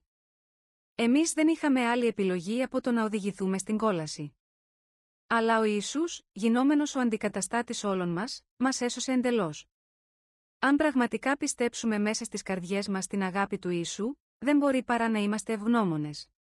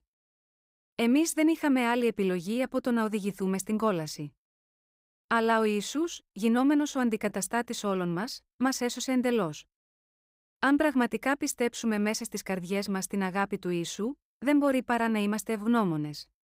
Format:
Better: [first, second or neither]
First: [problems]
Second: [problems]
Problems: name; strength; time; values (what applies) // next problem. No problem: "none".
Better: second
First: garbled, watery; slightly; nothing above 10.5 kHz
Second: none